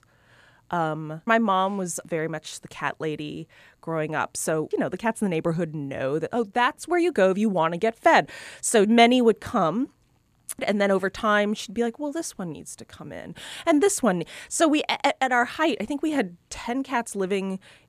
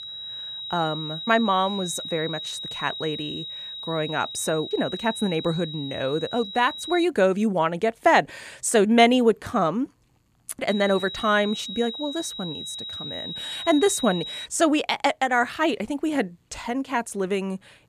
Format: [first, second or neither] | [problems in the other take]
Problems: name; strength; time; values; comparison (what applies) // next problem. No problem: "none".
first | high-pitched whine; loud; until 7 s and from 11 to 14 s; 4 kHz, 9 dB below the speech